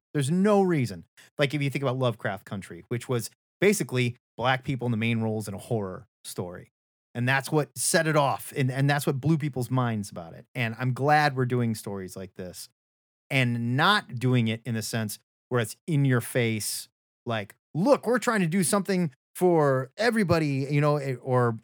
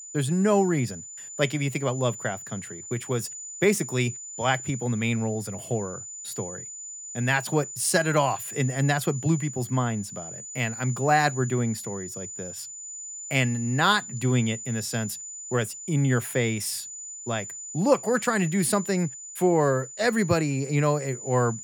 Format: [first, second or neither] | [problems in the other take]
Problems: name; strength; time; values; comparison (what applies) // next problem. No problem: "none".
first | high-pitched whine; noticeable; throughout; 7 kHz, 10 dB below the speech